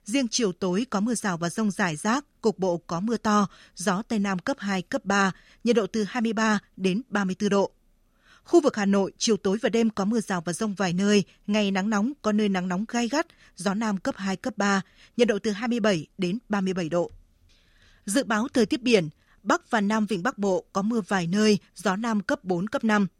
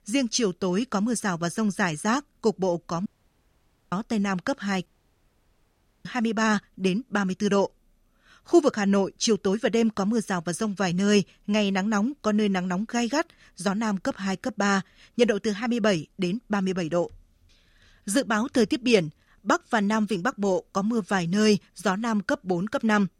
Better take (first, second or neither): first